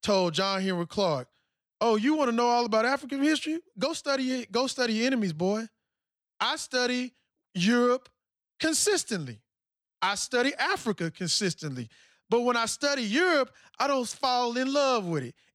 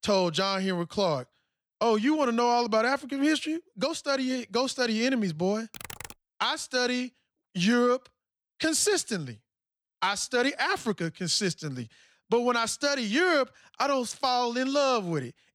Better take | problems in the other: first | keyboard typing; faint; at 5.5 s; peak 15 dB below the speech

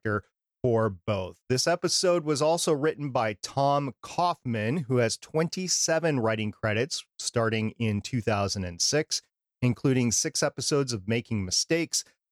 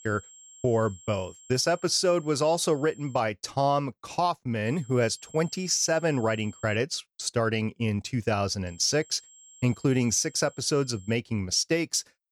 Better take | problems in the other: first | high-pitched whine; faint; until 3 s, from 4.5 to 7 s and from 8.5 to 11 s; 7.5 kHz, 25 dB below the speech

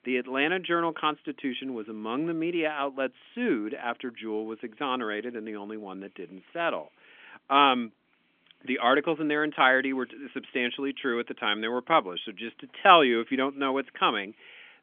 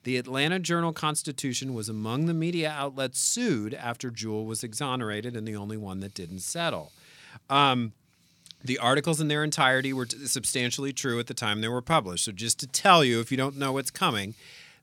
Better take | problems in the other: second | phone-call audio; nothing above 3.5 kHz

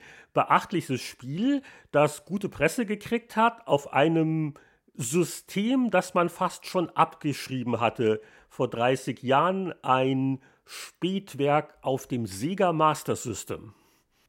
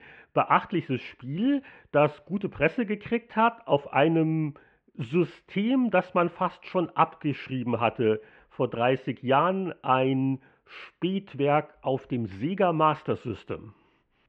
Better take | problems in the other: first | muffled; very; fading above 3 kHz

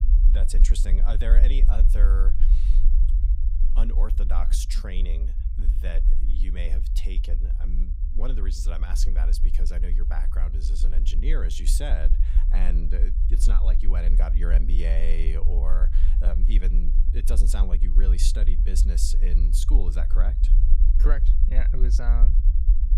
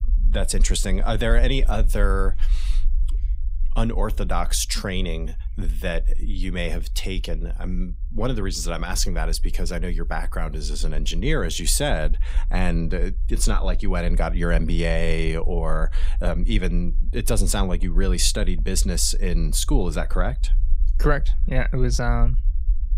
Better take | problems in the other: second | low rumble; loud; throughout; 8 dB below the speech; faint in the second

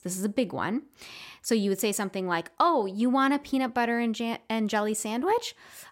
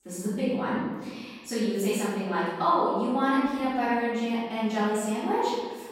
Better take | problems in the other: first | room echo; strong; dies away in 1.3 s // off-mic speech; far

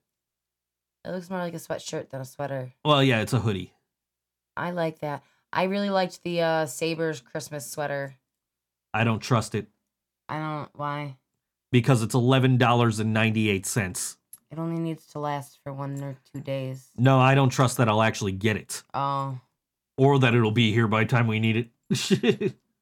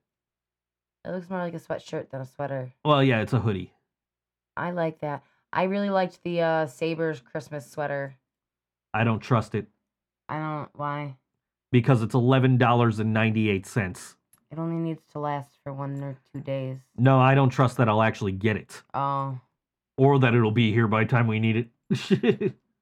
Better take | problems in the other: first | muffled; slightly; fading above 3.5 kHz

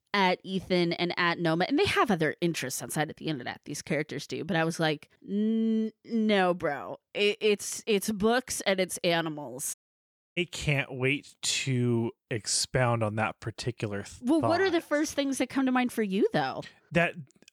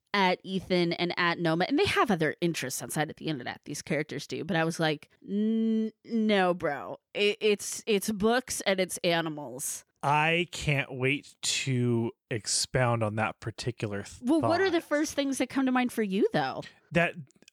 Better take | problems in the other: second | audio cutting out; at 9.5 s for 0.5 s

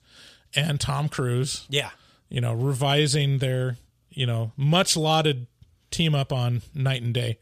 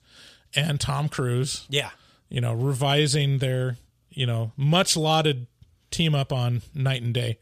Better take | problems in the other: neither | none

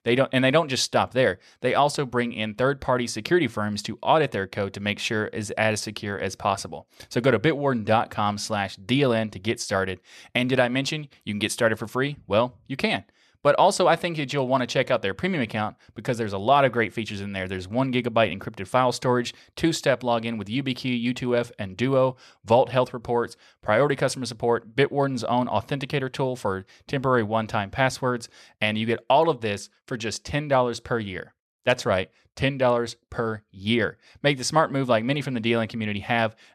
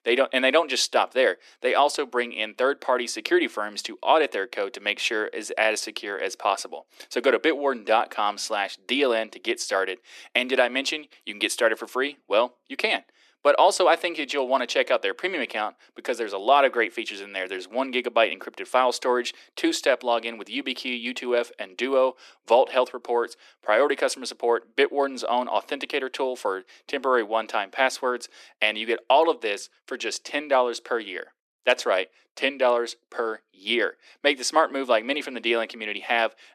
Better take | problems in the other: first | thin; somewhat; fading below 300 Hz

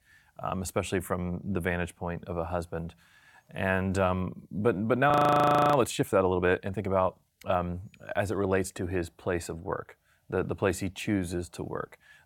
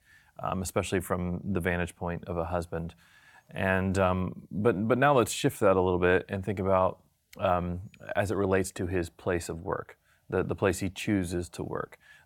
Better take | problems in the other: second | audio freezing; at 5 s for 0.5 s

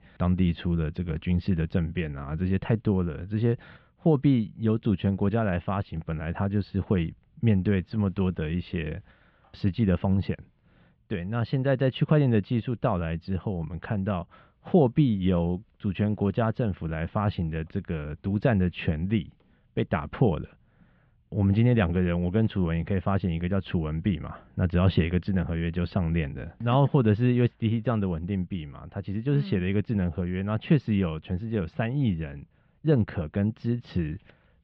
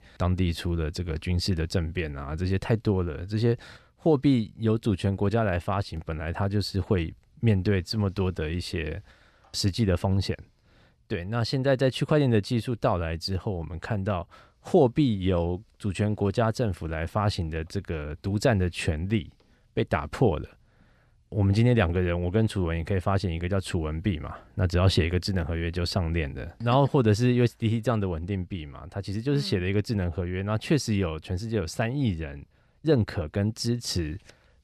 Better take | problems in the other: second | muffled; very; fading above 3.5 kHz

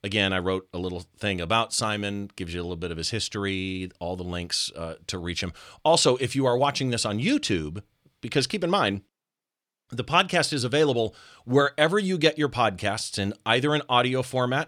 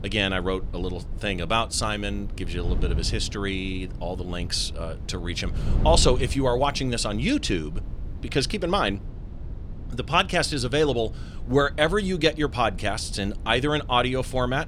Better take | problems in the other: first | wind noise on the microphone; occasional gusts; 20 dB below the speech

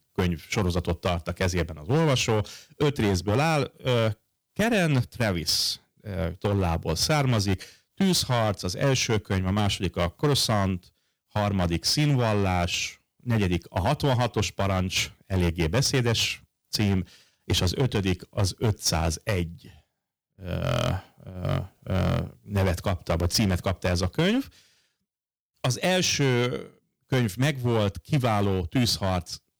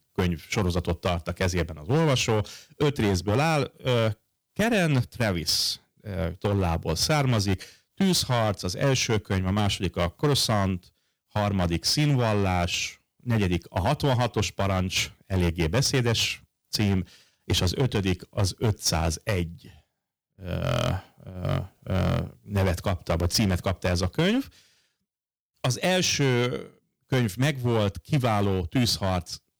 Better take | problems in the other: neither | distortion; slight; 8% of the sound clipped; the same in both

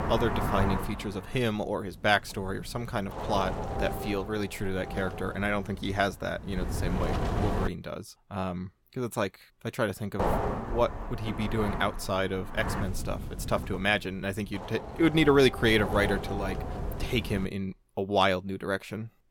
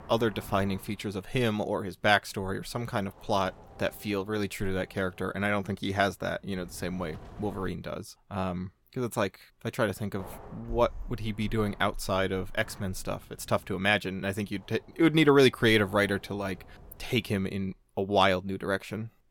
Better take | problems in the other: second | wind noise on the microphone; heavy; until 7.5 s and from 10 to 17 s; 6 dB below the speech; occasional gusts in the second

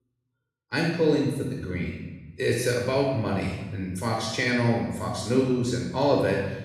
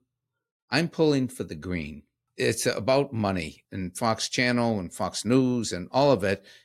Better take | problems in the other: second | off-mic speech; far // room echo; noticeable; dies away in 1.2 s

